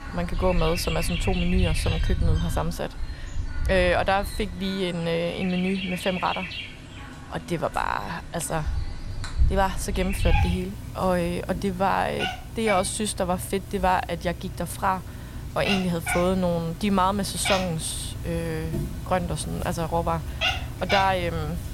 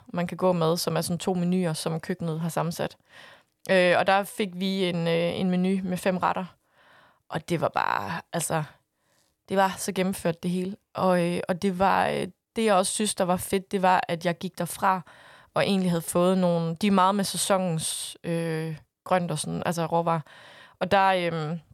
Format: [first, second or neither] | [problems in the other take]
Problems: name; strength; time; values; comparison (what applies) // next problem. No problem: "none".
second | animal sounds; loud; throughout; 5 dB below the speech